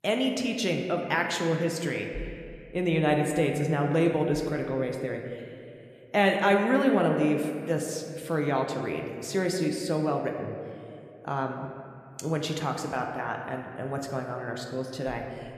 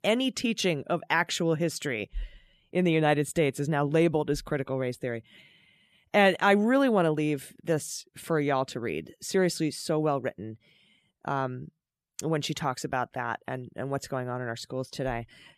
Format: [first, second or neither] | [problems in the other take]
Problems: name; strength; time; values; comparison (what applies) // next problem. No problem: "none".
second | room echo; slight; dies away in 1.9 s